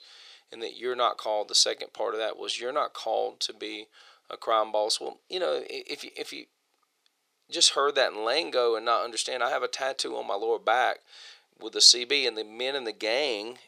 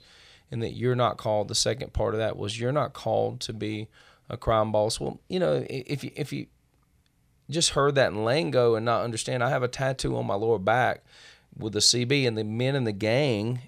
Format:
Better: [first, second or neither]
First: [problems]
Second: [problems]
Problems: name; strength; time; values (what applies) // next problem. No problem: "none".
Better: second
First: thin; very; fading below 350 Hz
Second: none